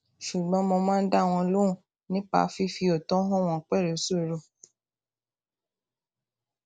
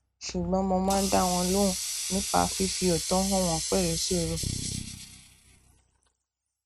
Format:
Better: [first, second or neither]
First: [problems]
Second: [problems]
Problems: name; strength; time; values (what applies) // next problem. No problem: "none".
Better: first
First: none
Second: noise reduction (neural mask model RNNoise)